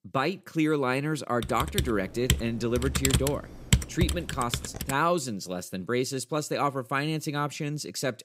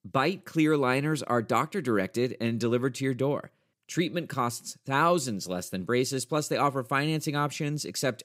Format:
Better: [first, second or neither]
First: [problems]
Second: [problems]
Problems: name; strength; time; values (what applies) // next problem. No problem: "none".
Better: second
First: keyboard typing; loud; from 1.5 to 5 s; peak 4 dB above the speech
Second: none